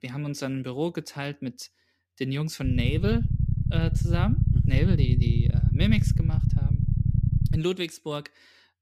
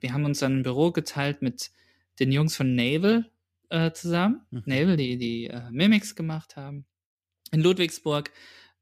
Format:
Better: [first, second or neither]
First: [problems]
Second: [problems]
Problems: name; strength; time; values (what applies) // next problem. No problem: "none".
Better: second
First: low rumble; loud; from 2.5 to 7.5 s; 4 dB below the speech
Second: none